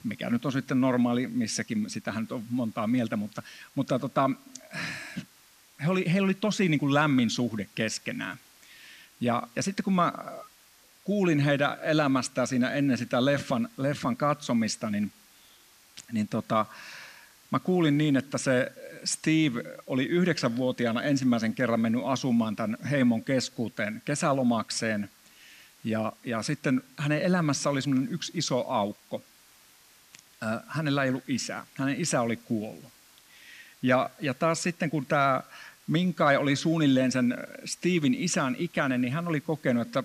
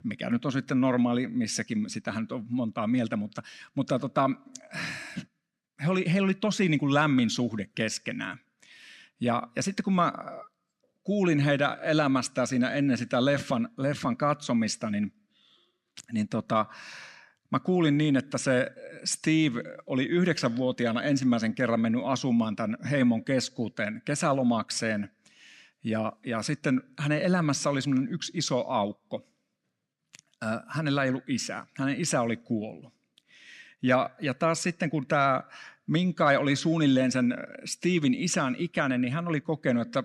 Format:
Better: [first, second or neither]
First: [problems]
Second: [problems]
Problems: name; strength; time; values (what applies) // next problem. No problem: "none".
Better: second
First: hiss; faint; throughout; 25 dB below the speech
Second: none